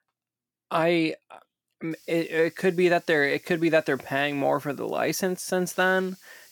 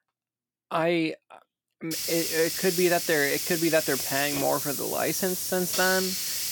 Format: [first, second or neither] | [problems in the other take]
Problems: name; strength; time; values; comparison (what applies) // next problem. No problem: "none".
first | hiss; loud; from 2 s on; 1 dB below the speech; faint in the first